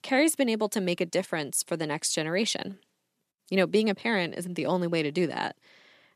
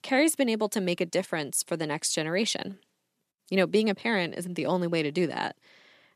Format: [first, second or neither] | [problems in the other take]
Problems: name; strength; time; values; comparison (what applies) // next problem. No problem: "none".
neither | none